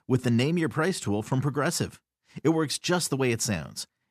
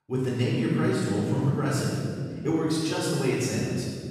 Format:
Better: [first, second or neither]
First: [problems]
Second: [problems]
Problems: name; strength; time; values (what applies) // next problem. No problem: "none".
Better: first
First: none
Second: room echo; strong; dies away in 2.8 s // off-mic speech; far